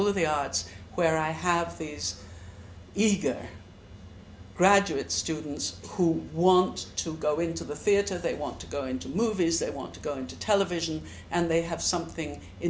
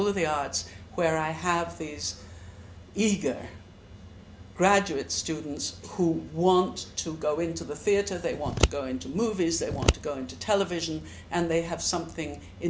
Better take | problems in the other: first | background sound (Scissors); 1 dB below the speech

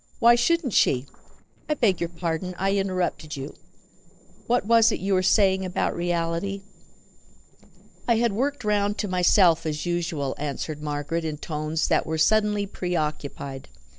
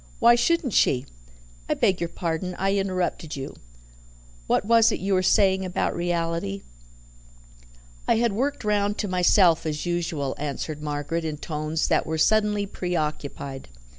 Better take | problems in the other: second | noise reduction (neural separator model SepFormer DNS4)

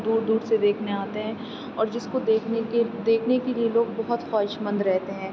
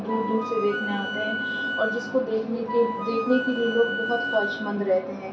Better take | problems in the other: first | background sound (Wind instrument, woodwind instrument); 5 dB below the speech // room echo; dies away in 0.3 s

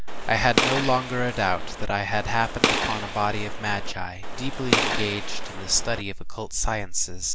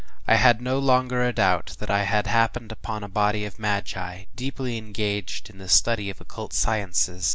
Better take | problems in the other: second | background sound (Gunshot, gunfire); 3 dB below the speech

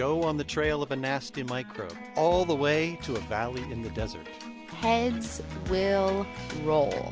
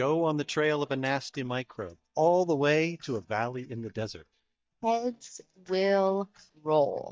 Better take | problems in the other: first | noise reduction (neural mask model DeepFilterNet 3)

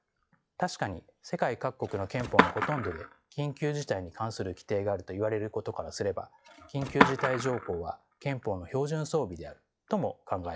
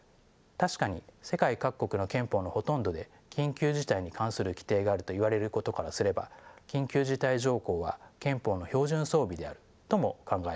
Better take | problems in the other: second | noise reduction (classical method log-MMSE)

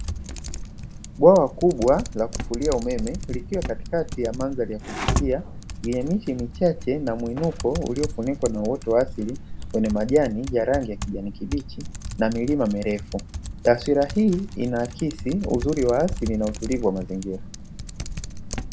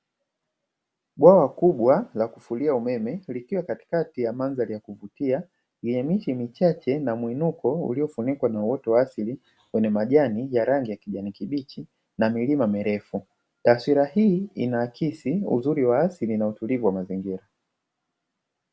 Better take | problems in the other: second | background sound (Typing); 8 dB below the speech

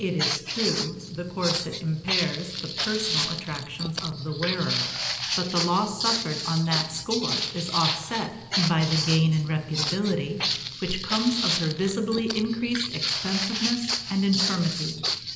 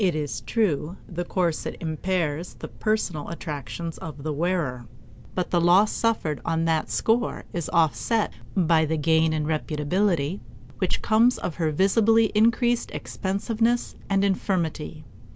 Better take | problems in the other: second | background sound (Walk, footsteps); 2 dB below the speech // room echo; dies away in 0.9 s

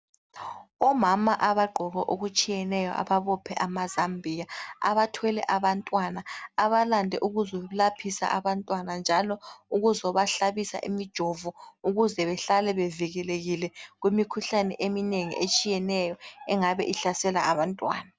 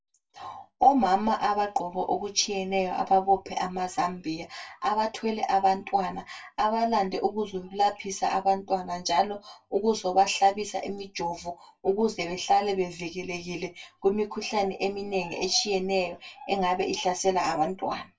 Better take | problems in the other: first | room echo; dies away in 0.1 s

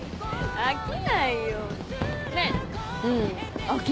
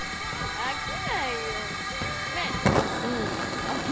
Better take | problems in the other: first | background sound (Hiss / Fire); 3 dB above the speech

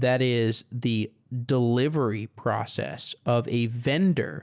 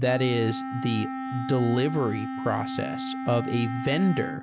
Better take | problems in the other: first | background sound (Wind instrument, woodwind instrument); 6 dB below the speech

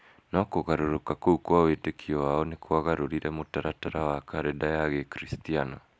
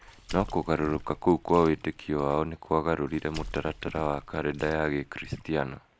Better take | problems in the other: first | background sound (Water / Splash, splatter); 16 dB below the speech

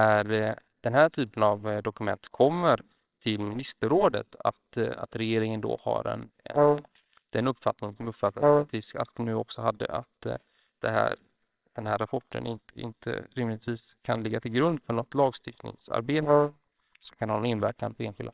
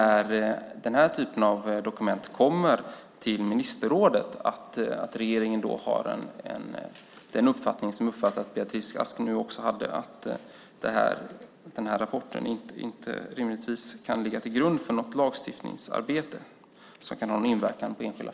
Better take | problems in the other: second | noise reduction (neural separator model SepFormer WHAMR!)

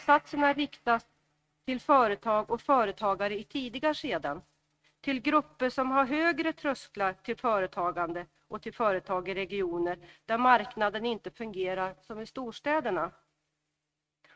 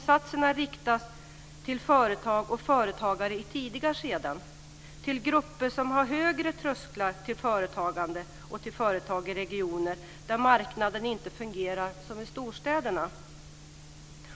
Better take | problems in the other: second | noise reduction (neural mask model RNNoise)

